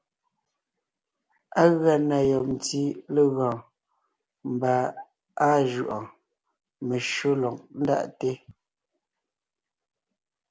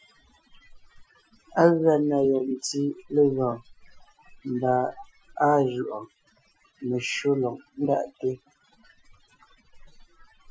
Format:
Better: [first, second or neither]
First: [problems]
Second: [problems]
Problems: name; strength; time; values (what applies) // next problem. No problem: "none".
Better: first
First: none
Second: noise reduction (classical method Wiener filter)